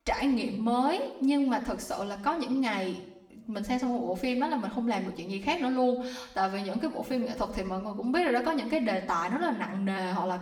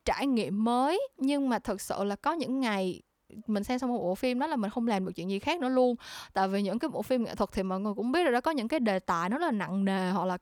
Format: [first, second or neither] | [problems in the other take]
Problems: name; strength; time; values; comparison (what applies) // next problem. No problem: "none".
second | room echo; slight; dies away in 0.7 s // off-mic speech; far